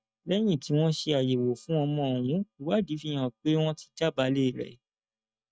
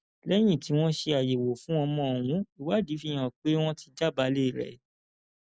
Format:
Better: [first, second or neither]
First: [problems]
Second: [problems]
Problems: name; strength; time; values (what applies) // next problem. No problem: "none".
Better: second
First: noise reduction (neural mask model DeepFilterNet 3)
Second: none